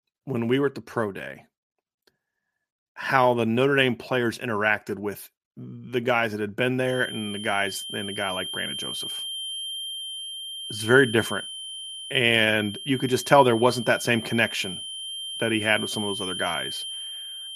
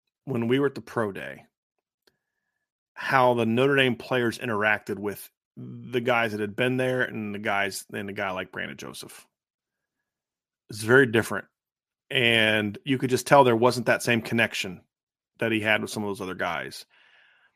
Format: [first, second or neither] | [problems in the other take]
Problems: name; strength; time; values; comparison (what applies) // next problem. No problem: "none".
second | high-pitched whine; loud; from 7 s on; 3 kHz, 8 dB below the speech